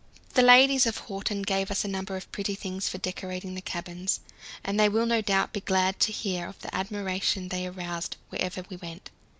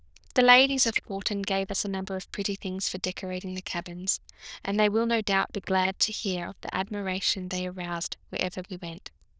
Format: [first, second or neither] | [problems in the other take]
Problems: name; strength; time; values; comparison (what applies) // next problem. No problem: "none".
first | noise reduction (neural diffusion model UNIVERSE++)